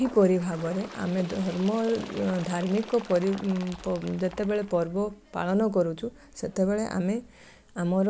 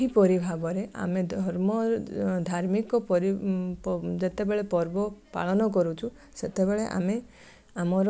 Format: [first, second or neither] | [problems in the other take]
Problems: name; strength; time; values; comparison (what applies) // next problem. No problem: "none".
second | background sound (Bird); 18 dB below the speech